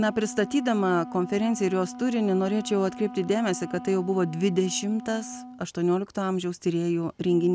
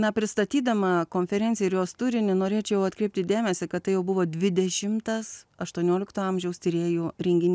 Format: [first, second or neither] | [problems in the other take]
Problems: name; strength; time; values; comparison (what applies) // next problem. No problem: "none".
second | background sound (Wind instrument, woodwind instrument); 15 dB below the speech